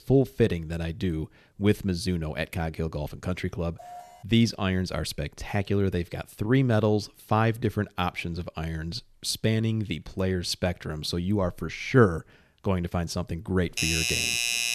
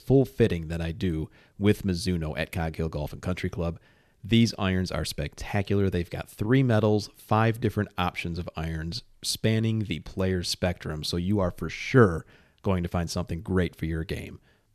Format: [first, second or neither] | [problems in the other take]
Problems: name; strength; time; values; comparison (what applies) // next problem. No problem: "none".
second | alarm; faint; at 4 s; peak 15 dB below the speech // doorbell; loud; from 14 s on; peak 4 dB above the speech